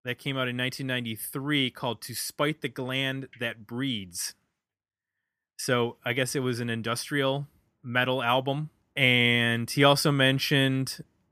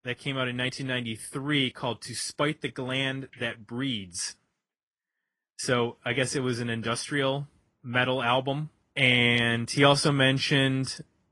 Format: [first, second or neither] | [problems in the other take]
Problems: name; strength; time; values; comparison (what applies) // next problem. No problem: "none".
first | garbled, watery; slightly